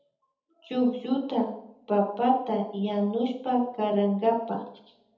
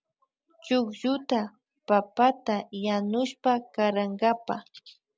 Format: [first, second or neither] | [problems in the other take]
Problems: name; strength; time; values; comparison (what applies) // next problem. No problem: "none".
second | room echo; dies away in 0.7 s